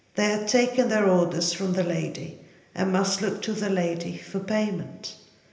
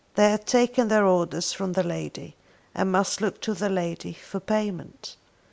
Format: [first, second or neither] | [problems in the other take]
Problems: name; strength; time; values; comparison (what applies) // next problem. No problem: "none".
second | room echo; dies away in 0.8 s